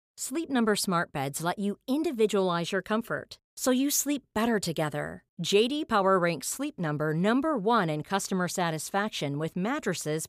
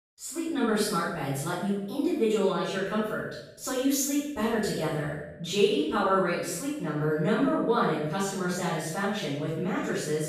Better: first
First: none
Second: off-mic speech; far // room echo; strong; dies away in 0.8 s

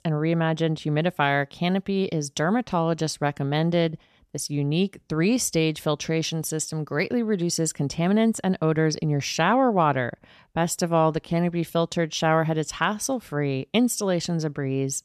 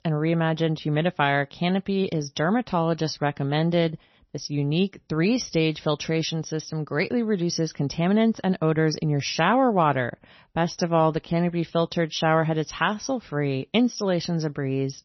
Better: first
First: none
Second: garbled, watery; slightly; nothing above 6 kHz

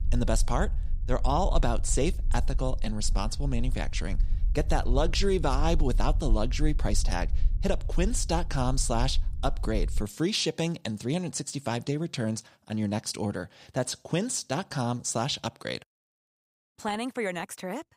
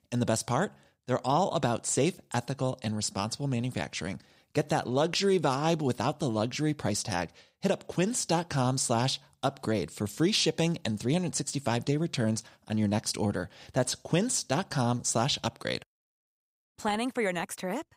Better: second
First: low rumble; faint; until 10 s; 20 dB below the speech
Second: none

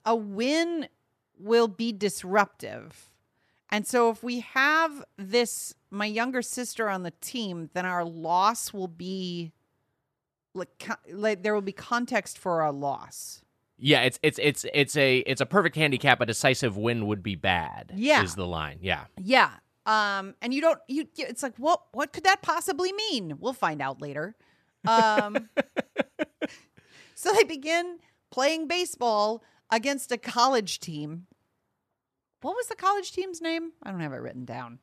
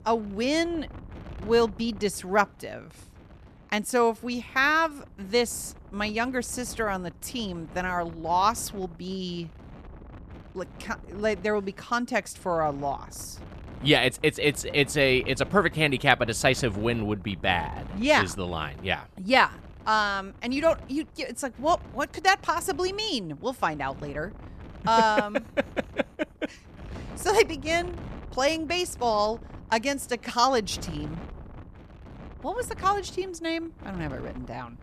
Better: first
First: none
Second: wind noise on the microphone; occasional gusts; 25 dB below the speech

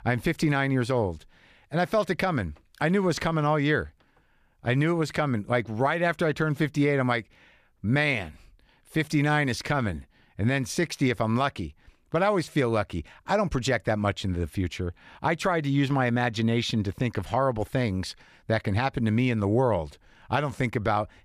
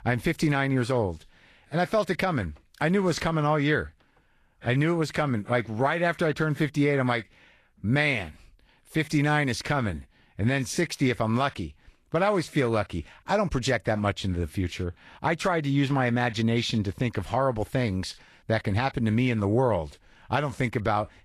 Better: first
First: none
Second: garbled, watery; slightly; nothing above 14 kHz

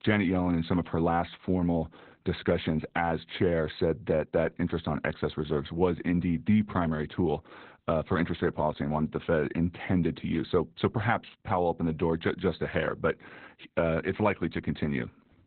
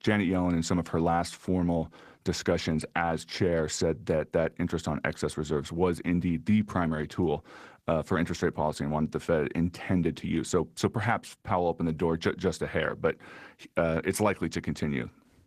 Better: second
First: garbled, watery; badly; nothing above 4 kHz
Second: garbled, watery; slightly; nothing above 12 kHz

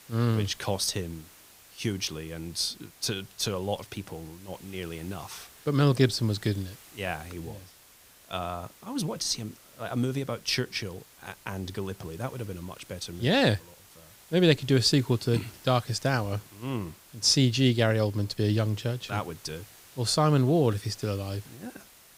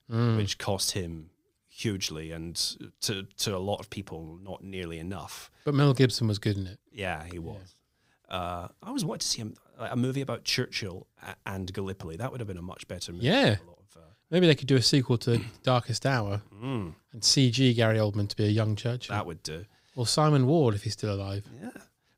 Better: second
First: hiss; faint; throughout; 25 dB below the speech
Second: none

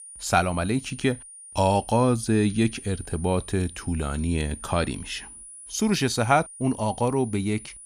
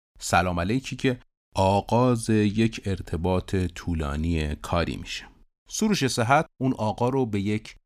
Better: second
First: high-pitched whine; noticeable; throughout; 9.5 kHz, 15 dB below the speech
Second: none

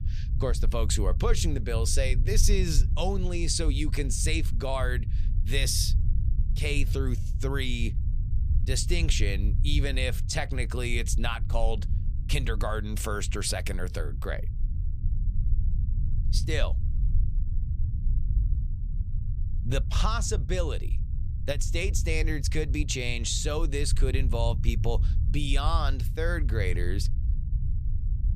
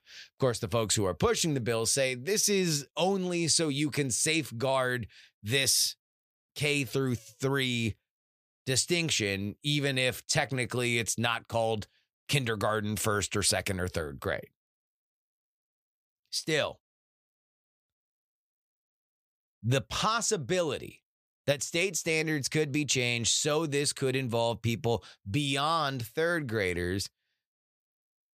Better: second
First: low rumble; noticeable; throughout; 15 dB below the speech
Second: none

